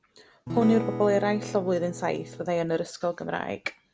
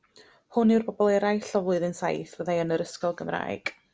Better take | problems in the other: second | background sound (Acoustic guitar / Strum); 7 dB below the speech

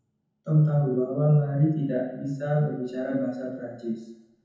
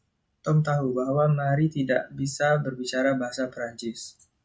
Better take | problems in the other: second | room echo; dies away in 1 s

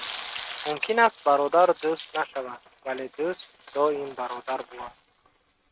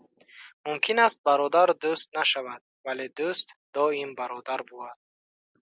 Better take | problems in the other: second | noise reduction (neural mask model RNNoise)

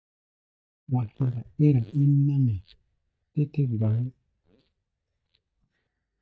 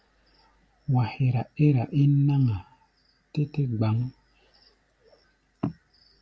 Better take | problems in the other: second | noise reduction (neural mask model DeepFilterNet 3)

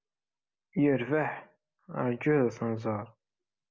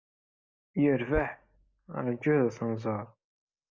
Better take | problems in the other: first | noise reduction (neural mask model DeepFilterNet 3)

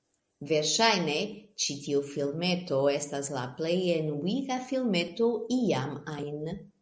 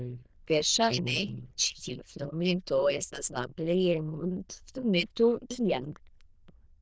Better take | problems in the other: first | noise reduction (neural diffusion model UNIVERSE++)

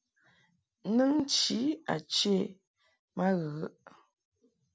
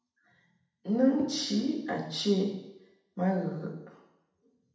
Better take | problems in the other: first | room echo; dies away in 0.8 s

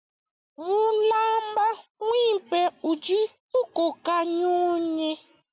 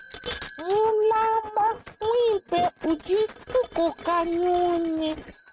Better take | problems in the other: first | noise reduction (neural mask model RNNoise)

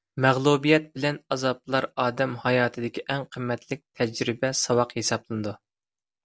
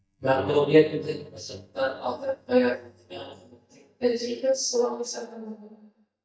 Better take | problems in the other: first | noise reduction (neural mask model DeepFilterNet 3)

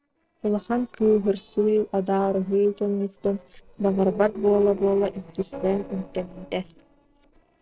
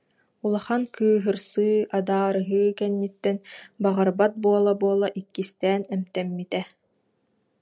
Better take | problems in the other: second | noise reduction (neural separator model SepFormer DNS4)

